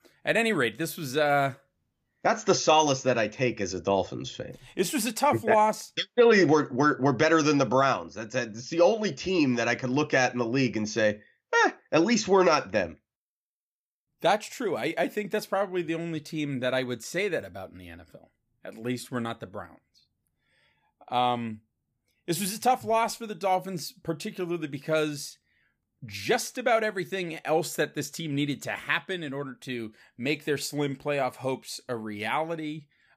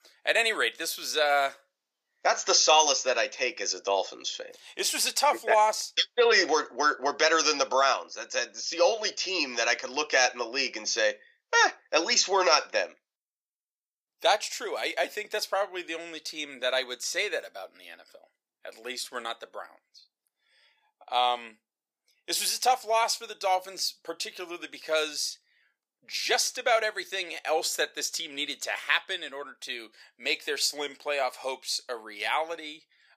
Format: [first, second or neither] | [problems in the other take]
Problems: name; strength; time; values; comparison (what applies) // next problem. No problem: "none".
first | thin; very; fading below 500 Hz